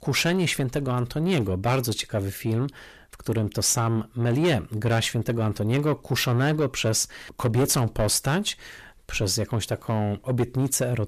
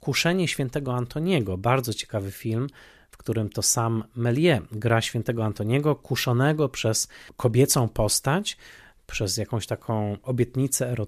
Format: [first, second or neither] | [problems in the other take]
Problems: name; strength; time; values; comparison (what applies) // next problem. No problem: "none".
second | distortion; slight; 10 dB below the speech